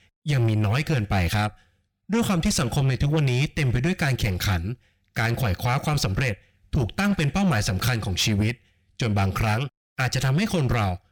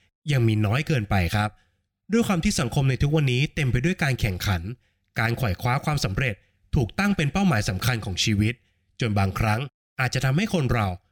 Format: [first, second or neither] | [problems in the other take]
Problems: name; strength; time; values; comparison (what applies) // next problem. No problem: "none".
second | distortion; slight; 10 dB below the speech